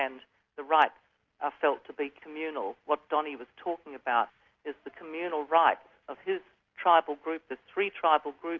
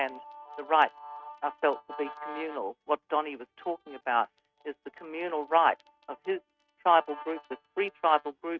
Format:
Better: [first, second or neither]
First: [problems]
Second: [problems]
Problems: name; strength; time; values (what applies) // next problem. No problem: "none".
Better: first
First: none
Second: noise reduction (neural mask model RNNoise)